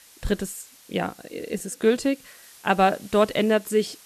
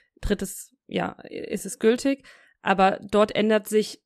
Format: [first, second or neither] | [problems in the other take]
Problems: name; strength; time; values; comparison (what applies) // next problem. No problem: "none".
second | hiss; faint; throughout; 25 dB below the speech